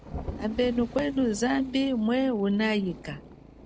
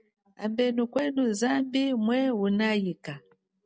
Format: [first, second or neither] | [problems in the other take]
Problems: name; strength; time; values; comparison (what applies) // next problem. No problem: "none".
second | background sound (Motorcycle + Thunder); 13 dB below the speech